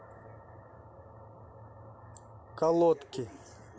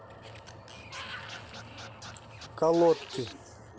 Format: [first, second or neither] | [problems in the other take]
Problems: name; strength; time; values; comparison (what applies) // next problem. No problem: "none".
first | background sound (Scratching (performance technique) + Sliding door); 14 dB below the speech